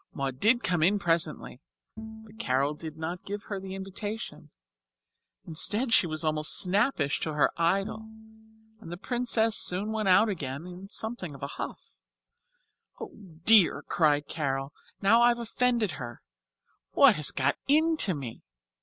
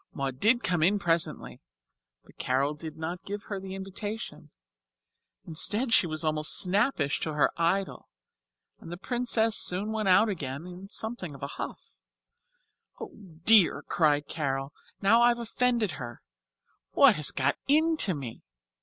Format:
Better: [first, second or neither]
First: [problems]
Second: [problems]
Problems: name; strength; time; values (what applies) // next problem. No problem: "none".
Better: second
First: background sound (Bowed string instrument); 15 dB below the speech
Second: none